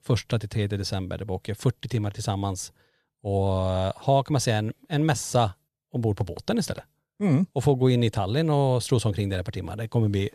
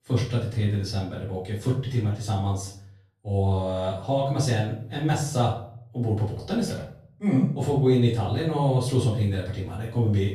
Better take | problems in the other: first | off-mic speech; far // room echo; noticeable; dies away in 0.4 s

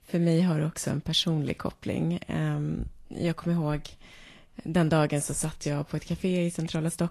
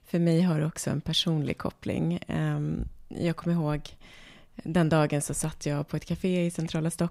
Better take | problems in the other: second | garbled, watery; slightly

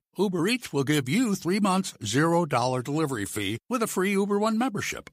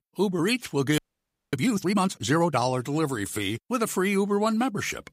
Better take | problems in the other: first | audio freezing; at 1 s for 0.5 s

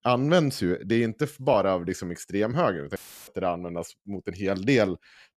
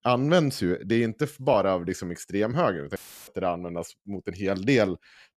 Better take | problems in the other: neither | audio cutting out; filled with static; at 3 s; the same in both

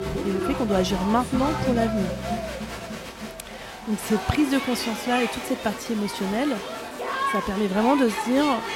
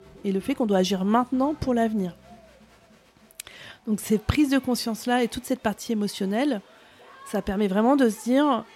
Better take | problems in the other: second | crowd noise; loud; throughout; 5 dB below the speech; faint in the second

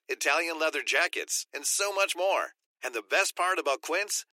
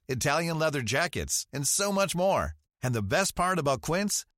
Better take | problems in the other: second | thin; very; fading below 300 Hz

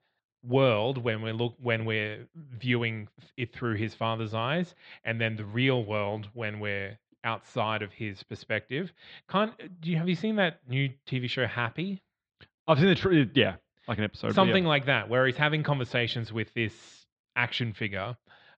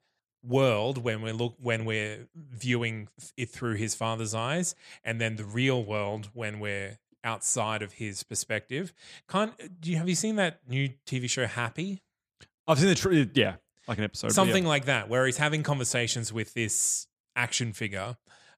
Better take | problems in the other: second | muffled; very; fading above 4 kHz

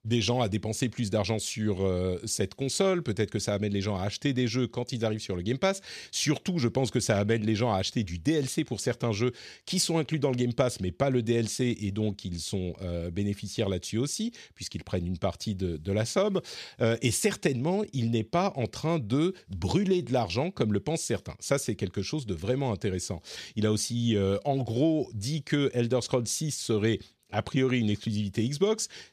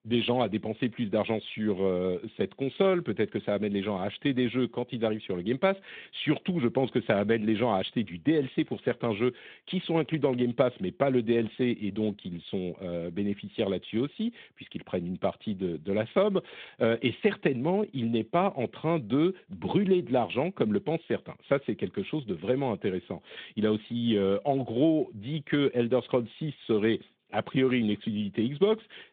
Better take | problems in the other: first | phone-call audio; nothing above 3.5 kHz

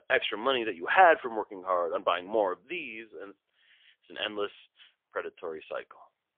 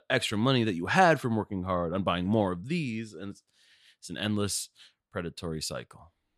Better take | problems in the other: second | phone-call audio; poor line; nothing above 3.5 kHz

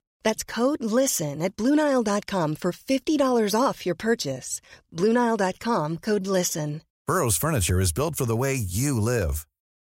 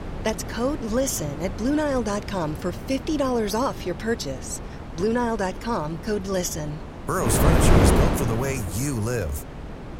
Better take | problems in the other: first | wind noise on the microphone; heavy; 4 dB below the speech

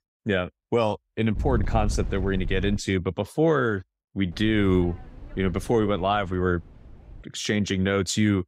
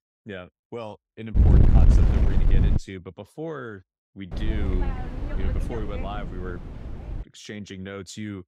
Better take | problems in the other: first | wind noise on the microphone; heavy; from 1.5 to 3 s and from 4.5 to 7 s; 2 dB above the speech; occasional gusts in the first

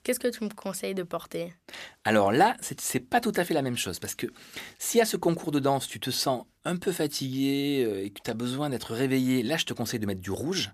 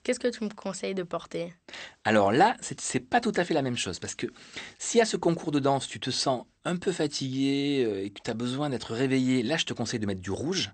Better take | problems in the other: first | garbled, watery; slightly; nothing above 8.5 kHz

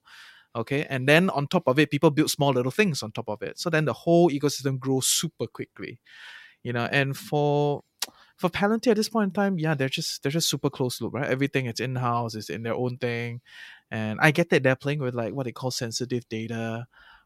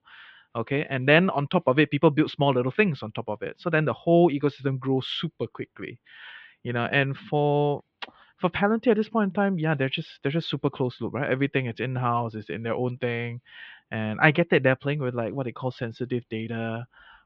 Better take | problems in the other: first | muffled; very; fading above 3 kHz

